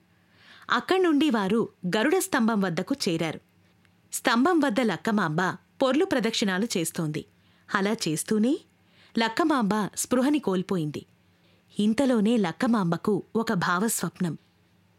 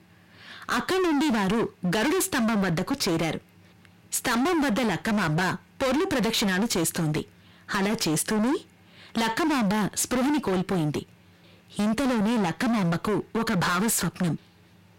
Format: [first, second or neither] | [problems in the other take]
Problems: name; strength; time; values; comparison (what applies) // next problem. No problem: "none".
first | distortion; heavy; 32% of the sound clipped